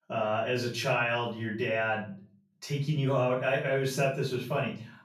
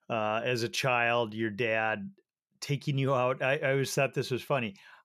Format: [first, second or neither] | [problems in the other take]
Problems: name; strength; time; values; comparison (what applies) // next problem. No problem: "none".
second | off-mic speech; far // room echo; slight; dies away in 0.4 s